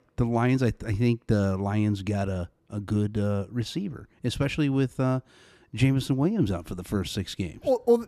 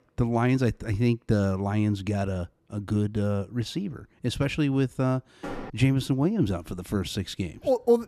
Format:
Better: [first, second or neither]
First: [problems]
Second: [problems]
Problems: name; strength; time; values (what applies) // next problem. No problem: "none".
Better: first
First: none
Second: door banging; faint; at 5.5 s; peak 10 dB below the speech